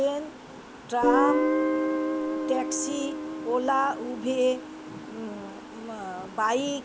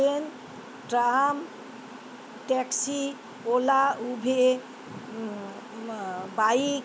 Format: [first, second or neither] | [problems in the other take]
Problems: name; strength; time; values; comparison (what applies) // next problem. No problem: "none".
second | background sound (Guitar); as loud as the speech